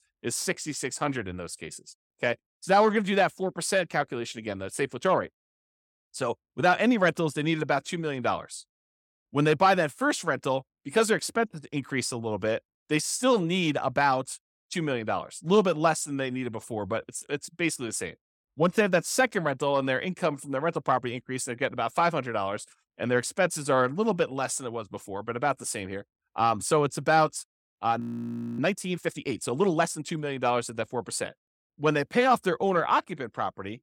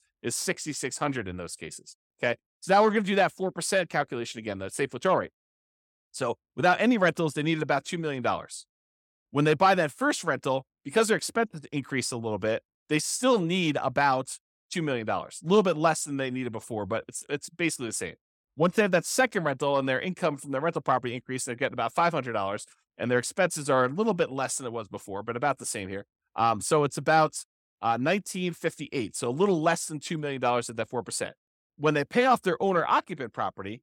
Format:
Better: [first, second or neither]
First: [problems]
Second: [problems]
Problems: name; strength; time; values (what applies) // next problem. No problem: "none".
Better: second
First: audio freezing; at 28 s for 0.5 s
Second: none